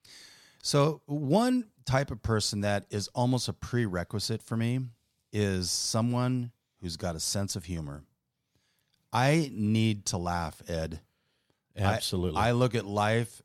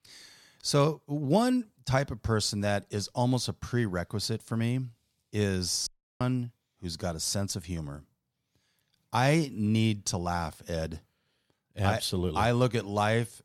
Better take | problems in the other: first | audio cutting out; at 6 s

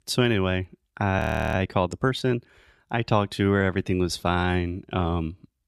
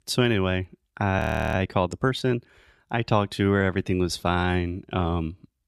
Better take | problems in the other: neither | audio freezing; at 1 s; the same in both

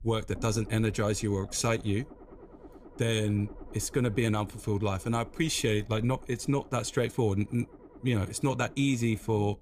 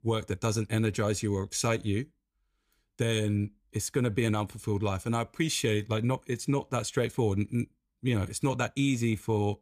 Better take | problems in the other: second | low rumble; noticeable; throughout; 20 dB below the speech

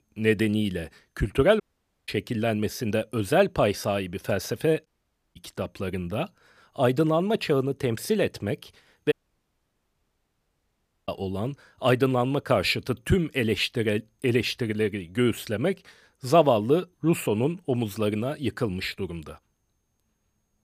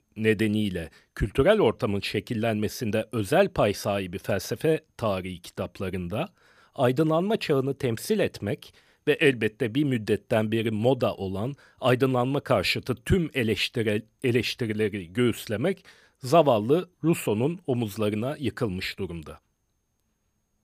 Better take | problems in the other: second | audio cutting out; at 1.5 s, at 5 s and at 9 s for 2 s

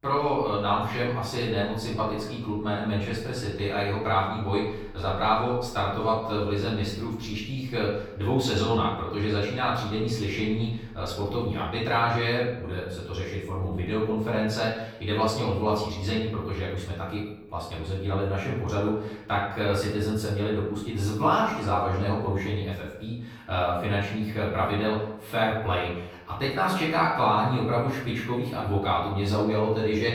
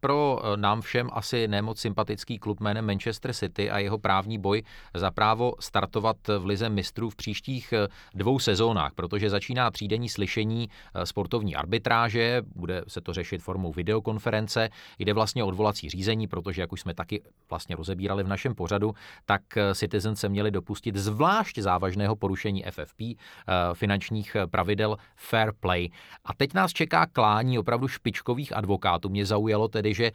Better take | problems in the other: second | off-mic speech; far // room echo; noticeable; dies away in 0.7 s

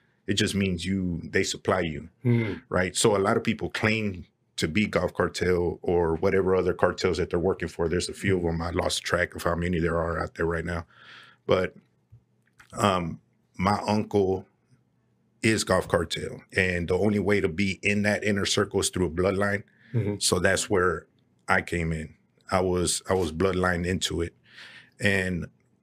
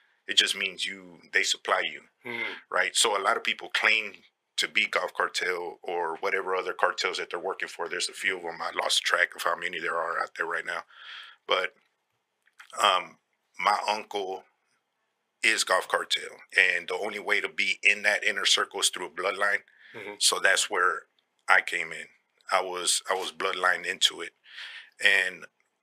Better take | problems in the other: first | thin; very; fading below 850 Hz

